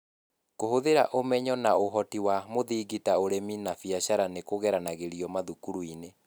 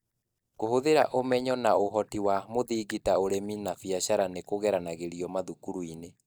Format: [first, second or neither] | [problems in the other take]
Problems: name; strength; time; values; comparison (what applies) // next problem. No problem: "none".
first | noise reduction (neural mask model DeepFilterNet 3)